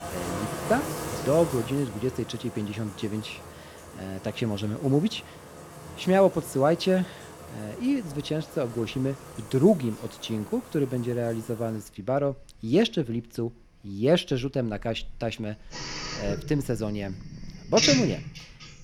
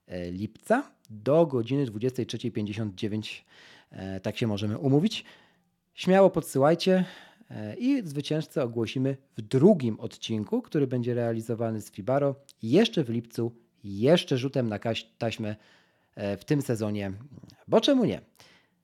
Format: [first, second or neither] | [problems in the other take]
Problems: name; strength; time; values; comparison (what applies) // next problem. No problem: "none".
second | household noises; loud; throughout; 8 dB below the speech